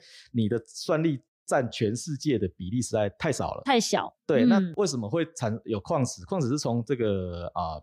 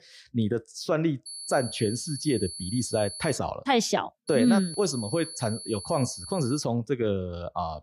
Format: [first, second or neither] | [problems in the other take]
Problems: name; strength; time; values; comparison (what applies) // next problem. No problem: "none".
first | high-pitched whine; loud; from 1.5 to 3.5 s and from 4.5 to 6.5 s; 10.5 kHz, 9 dB below the speech